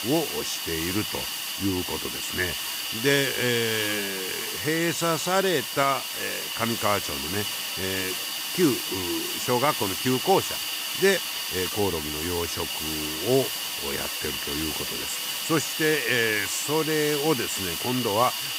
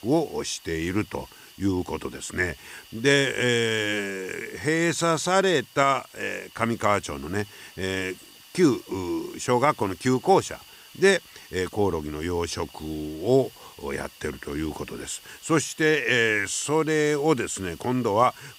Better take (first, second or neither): second